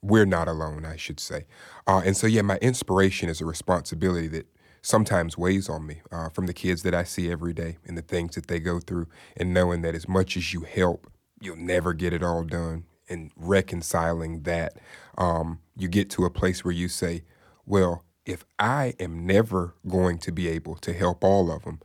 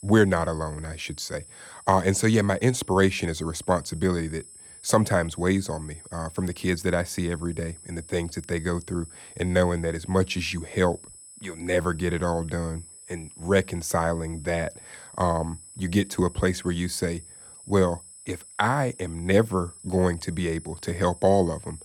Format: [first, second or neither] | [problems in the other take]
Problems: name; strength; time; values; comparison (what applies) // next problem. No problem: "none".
first | high-pitched whine; noticeable; throughout; 8 kHz, 20 dB below the speech